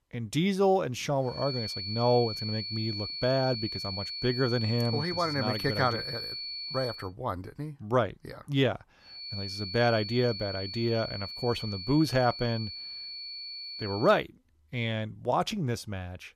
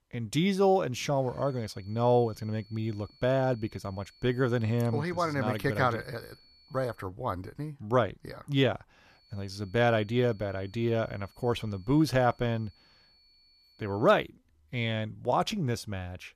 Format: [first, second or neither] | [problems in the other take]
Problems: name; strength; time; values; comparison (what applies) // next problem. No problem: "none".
second | high-pitched whine; loud; from 1.5 to 7 s and from 9 to 14 s; 4.5 kHz, 6 dB below the speech; faint in the second